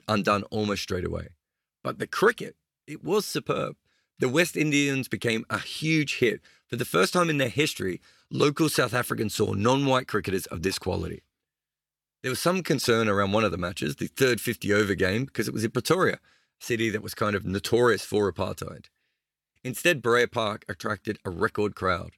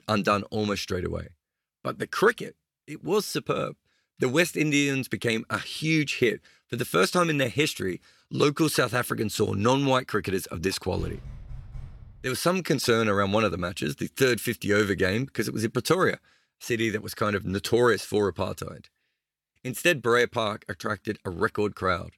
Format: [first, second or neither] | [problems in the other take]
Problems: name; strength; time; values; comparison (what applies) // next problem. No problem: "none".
first | door banging; faint; from 11 to 12 s; peak 15 dB below the speech